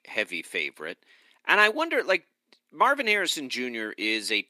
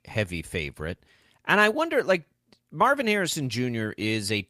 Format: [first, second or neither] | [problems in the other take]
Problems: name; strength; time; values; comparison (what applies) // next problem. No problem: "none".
second | thin; somewhat; fading below 300 Hz